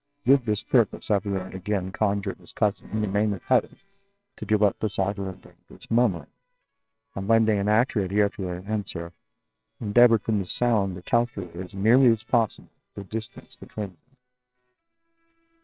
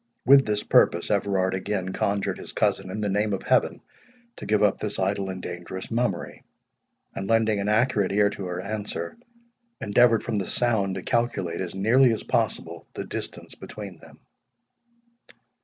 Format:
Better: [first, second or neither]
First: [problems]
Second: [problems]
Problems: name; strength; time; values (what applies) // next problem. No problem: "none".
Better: second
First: noise reduction (neural separator model SepFormer WHAMR!)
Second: none